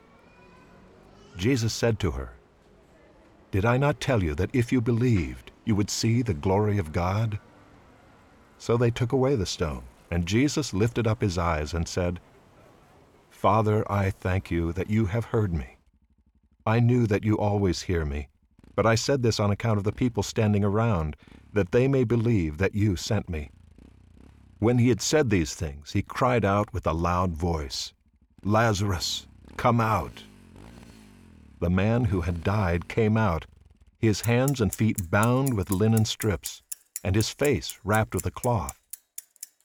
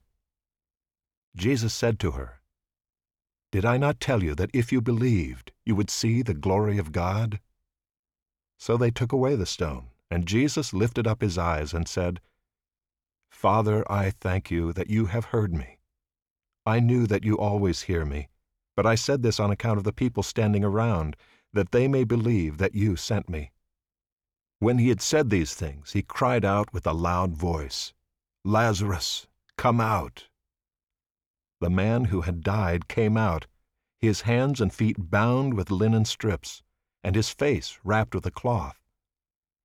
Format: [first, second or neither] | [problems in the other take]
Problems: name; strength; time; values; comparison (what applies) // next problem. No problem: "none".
second | traffic noise; noticeable; throughout; 20 dB below the speech